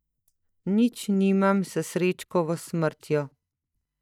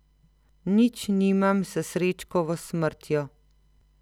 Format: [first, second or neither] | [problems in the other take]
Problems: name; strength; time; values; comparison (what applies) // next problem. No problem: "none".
second | noise reduction (neural mask model DeepFilterNet 3)